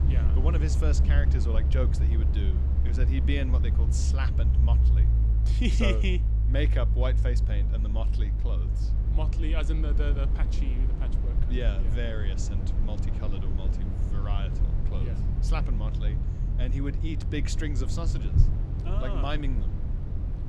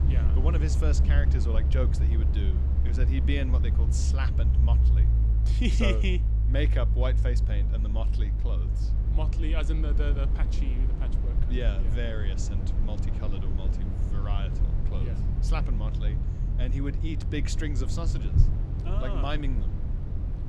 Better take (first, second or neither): neither